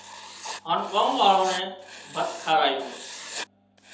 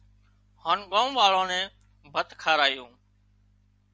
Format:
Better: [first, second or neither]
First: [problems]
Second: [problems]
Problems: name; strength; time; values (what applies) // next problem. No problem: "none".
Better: second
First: background sound (Writing); 14 dB below the speech // room echo; dies away in 0.7 s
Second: none